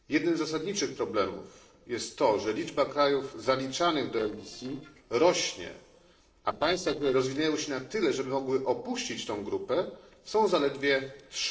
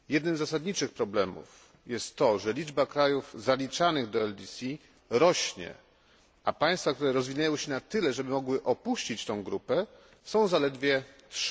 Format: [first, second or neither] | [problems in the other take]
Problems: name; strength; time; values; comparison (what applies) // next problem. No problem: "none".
second | noise reduction (neural separator model SepFormer DNS4)